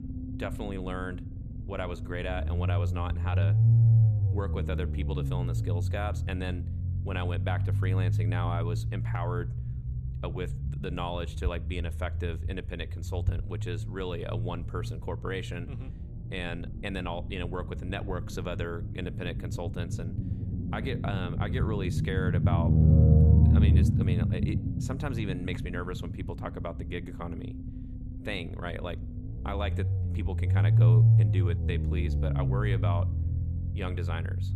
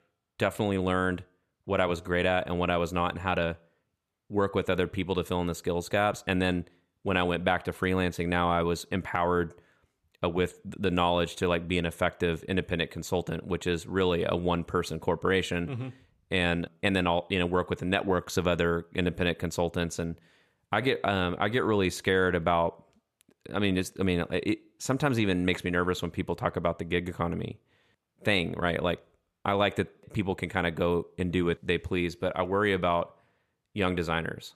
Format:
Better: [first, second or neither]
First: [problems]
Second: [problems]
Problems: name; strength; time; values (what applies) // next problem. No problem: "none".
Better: second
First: low rumble; loud; throughout; 3 dB below the speech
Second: none